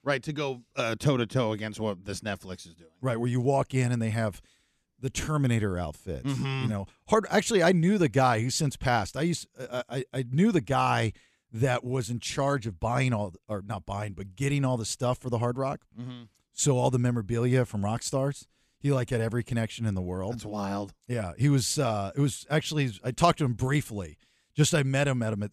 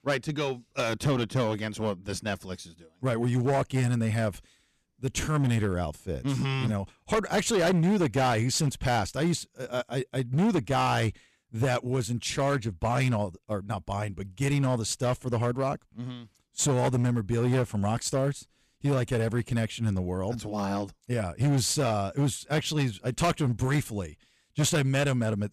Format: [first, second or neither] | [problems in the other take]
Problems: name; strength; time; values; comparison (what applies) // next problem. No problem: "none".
first | distortion; slight; 9% of the sound clipped